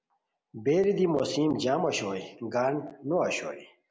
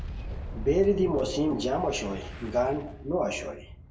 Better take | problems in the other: first | background sound (Boom); 10 dB below the speech // room echo; dies away in 0.2 s

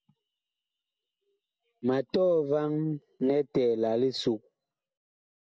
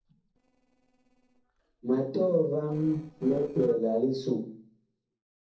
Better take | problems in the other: first | noise reduction (neural separator model SepFormer DNS4)

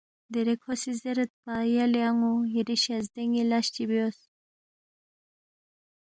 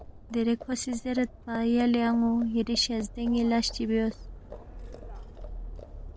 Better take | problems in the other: first | background sound (Livestock, farm animals, working animals); 14 dB below the speech

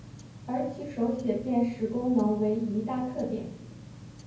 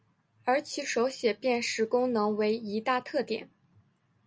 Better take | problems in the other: second | background sound (Tick-tock); 16 dB below the speech // room echo; dies away in 0.9 s

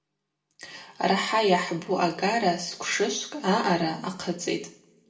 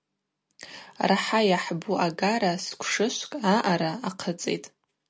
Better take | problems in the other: second | room echo; dies away in 0.5 s

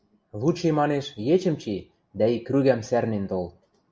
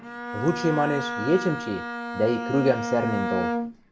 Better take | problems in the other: first | background sound (Bowed string instrument); 4 dB below the speech

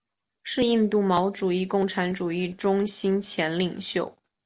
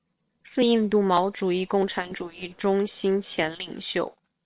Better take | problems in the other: first | noise reduction (neural separator model SepFormer WHAM!)

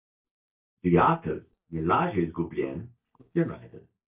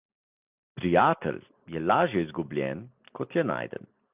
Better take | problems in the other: second | noise reduction (neural mask model DeepFilterNet 3)

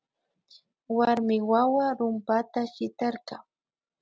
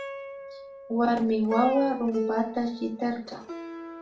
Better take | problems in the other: first | background sound (Plucked string instrument); 10 dB below the speech // room echo; dies away in 0.4 s

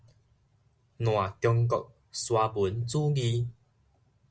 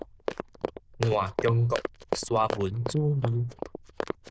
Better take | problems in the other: first | noise reduction (neural diffusion model UNIVERSE++)

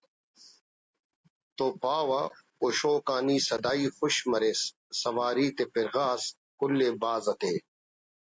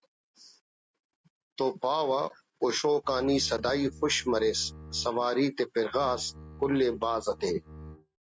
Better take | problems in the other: first | noise reduction (neural mask model RNNoise)

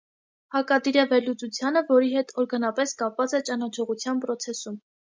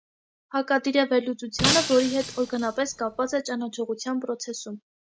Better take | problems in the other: first | background sound (Shatter); 3 dB below the speech

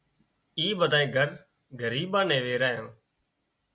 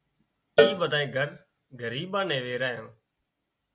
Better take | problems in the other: first | background sound (Cowbell); 2 dB above the speech

